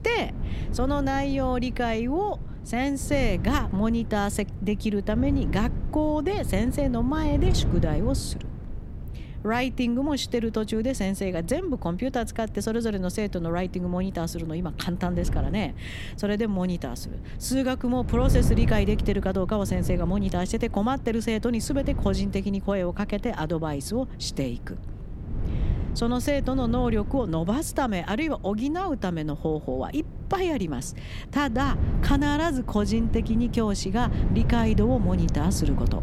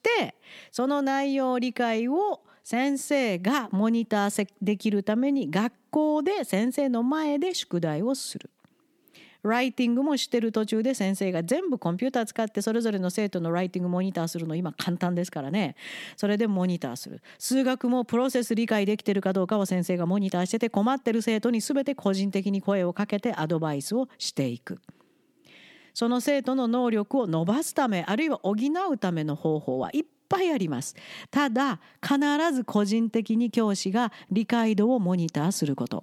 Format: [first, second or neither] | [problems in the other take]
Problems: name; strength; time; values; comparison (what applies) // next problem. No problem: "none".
second | wind noise on the microphone; occasional gusts; 15 dB below the speech